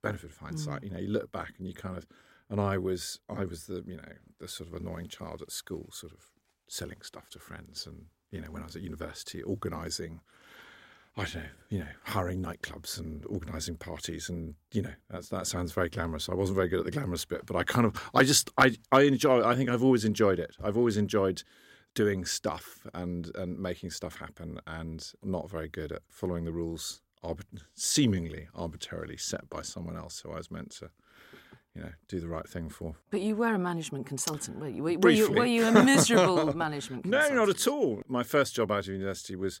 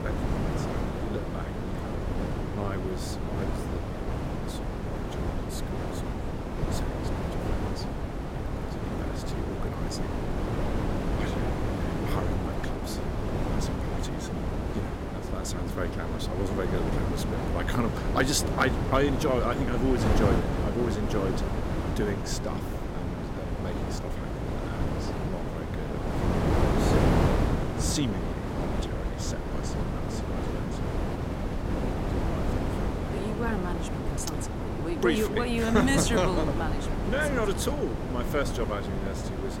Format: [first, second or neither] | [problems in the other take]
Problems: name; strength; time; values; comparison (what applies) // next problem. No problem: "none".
first | wind noise on the microphone; heavy; 2 dB below the speech